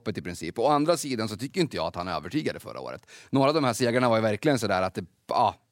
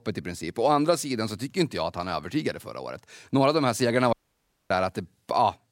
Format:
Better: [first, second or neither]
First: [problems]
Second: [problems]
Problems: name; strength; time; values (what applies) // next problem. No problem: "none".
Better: first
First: none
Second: audio cutting out; at 4 s for 0.5 s